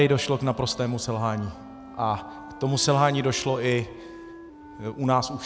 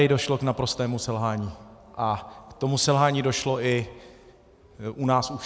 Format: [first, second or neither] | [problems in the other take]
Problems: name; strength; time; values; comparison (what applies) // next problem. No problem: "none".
second | background sound (Wind instrument, woodwind instrument); 17 dB below the speech